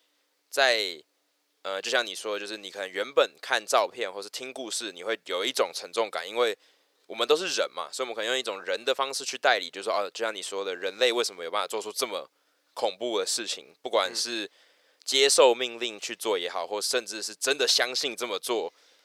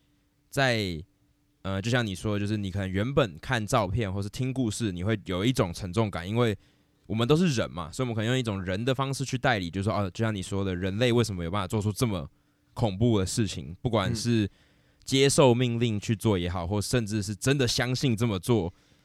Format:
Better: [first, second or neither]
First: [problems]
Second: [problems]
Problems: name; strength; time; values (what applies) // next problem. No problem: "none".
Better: second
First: thin; very; fading below 450 Hz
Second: none